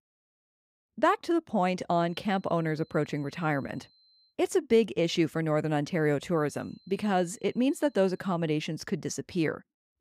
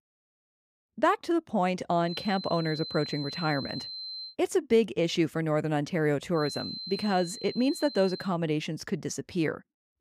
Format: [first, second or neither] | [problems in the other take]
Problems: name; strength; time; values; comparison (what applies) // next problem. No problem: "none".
first | high-pitched whine; loud; from 2 to 4.5 s and from 6.5 to 8.5 s; 4 kHz, 9 dB below the speech; faint in the first